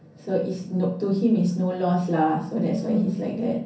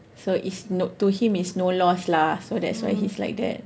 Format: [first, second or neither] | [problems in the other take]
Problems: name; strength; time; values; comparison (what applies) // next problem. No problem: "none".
second | room echo; dies away in 0.6 s